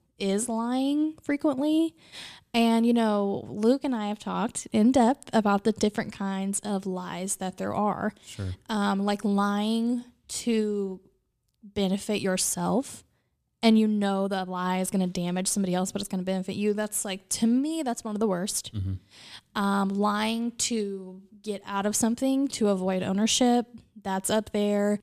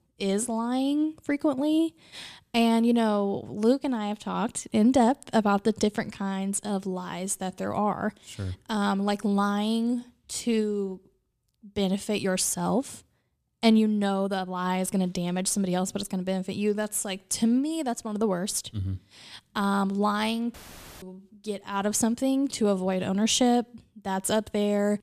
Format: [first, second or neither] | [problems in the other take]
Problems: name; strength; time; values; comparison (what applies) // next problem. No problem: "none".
first | audio cutting out; filled with static; at 21 s